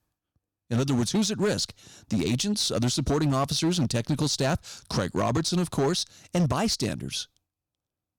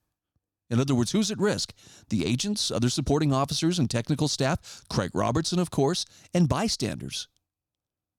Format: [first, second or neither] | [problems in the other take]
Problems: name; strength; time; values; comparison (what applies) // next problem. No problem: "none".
second | distortion; slight; 7% of the sound clipped